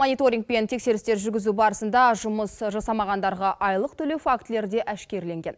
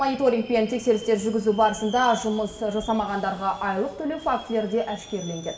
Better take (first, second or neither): first